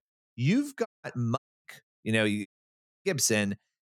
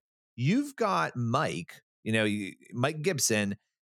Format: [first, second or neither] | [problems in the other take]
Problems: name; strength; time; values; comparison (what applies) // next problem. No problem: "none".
second | audio cutting out; at 1 s, at 1.5 s and at 2.5 s for 0.5 s